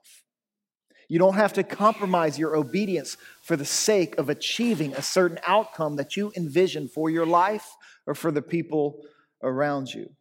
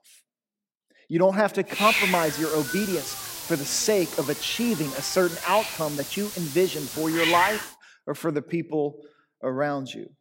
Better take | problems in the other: first | hiss; loud; from 2 to 7.5 s; 3 dB below the speech; faint in the first

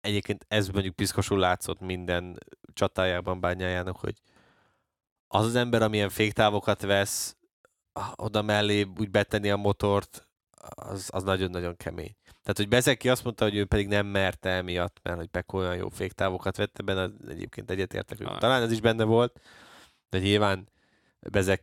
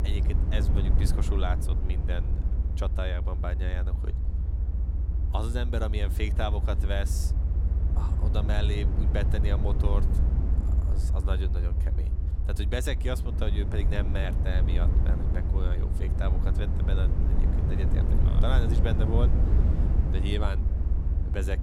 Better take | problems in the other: first | low rumble; loud; throughout; 5 dB below the speech

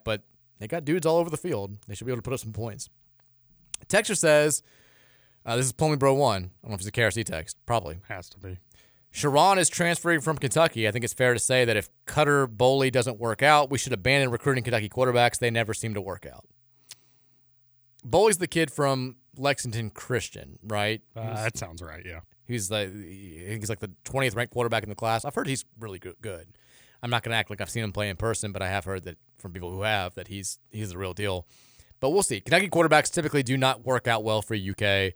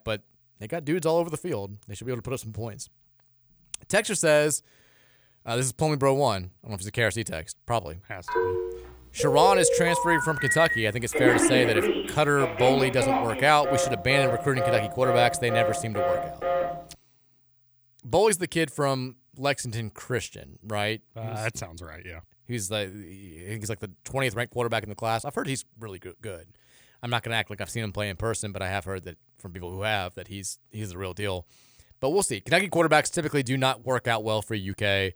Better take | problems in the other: first | phone ringing; loud; from 8.5 to 17 s; peak 4 dB above the speech

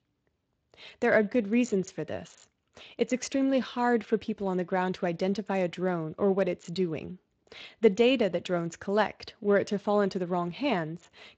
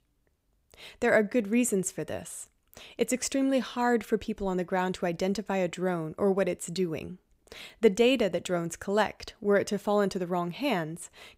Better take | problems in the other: second | garbled, watery; slightly; nothing above 7.5 kHz

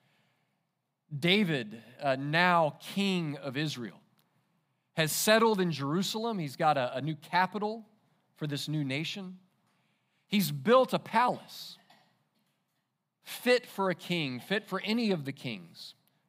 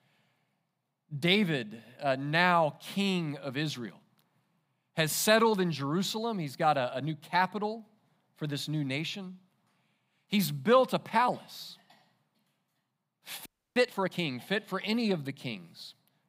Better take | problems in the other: first | audio freezing; at 13 s

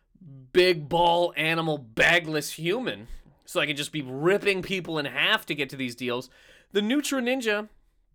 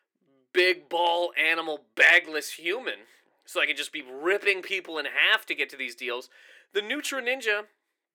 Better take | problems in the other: first | thin; very; fading below 350 Hz

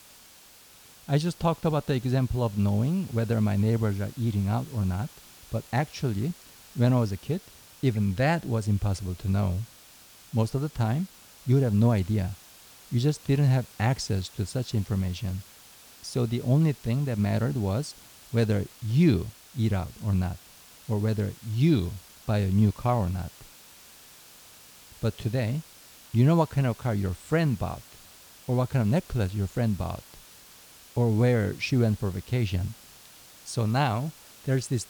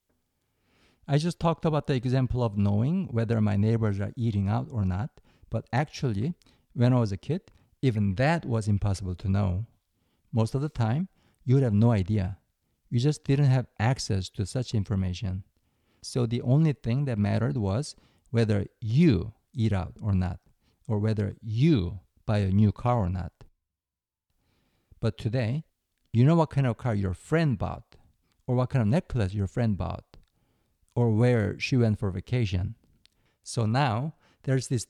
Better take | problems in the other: second | hiss; faint; throughout; 20 dB below the speech

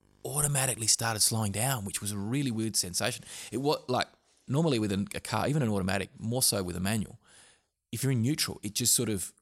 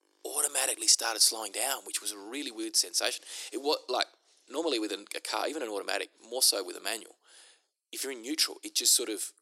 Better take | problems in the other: first | thin; very; fading below 300 Hz

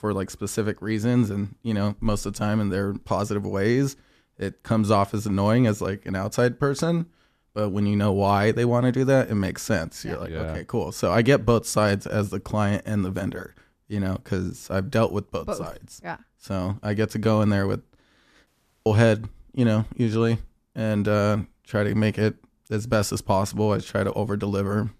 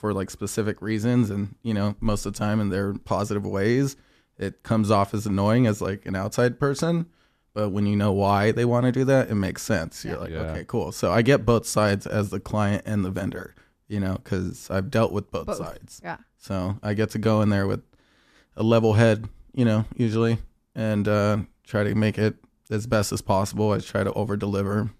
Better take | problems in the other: second | audio cutting out; at 18 s

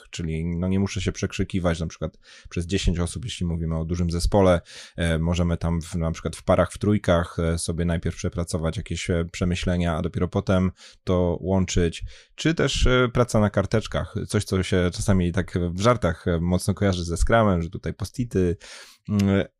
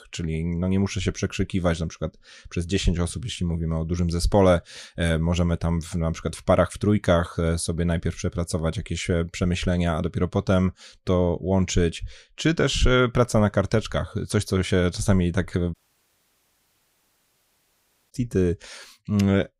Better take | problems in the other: first | audio cutting out; at 16 s for 2.5 s

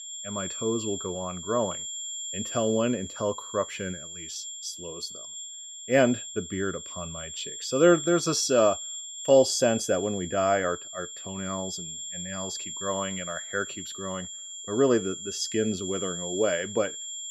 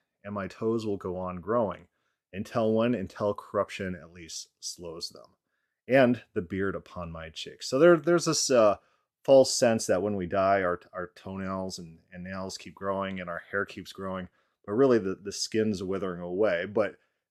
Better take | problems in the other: second | high-pitched whine; loud; throughout; 7.5 kHz, 8 dB below the speech

